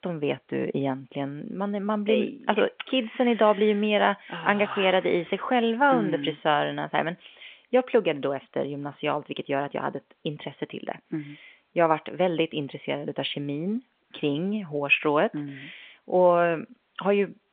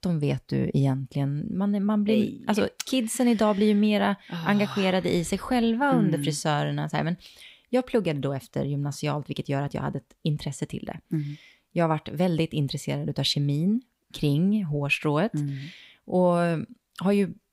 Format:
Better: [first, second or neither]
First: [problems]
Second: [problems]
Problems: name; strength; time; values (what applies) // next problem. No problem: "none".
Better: second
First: phone-call audio; nothing above 3 kHz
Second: none